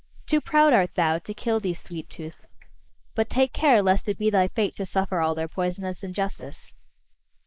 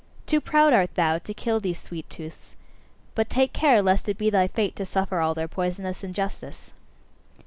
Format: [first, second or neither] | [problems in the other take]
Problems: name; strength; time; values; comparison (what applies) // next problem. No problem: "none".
second | noise reduction (neural mask model Resemble Enhance denoiser)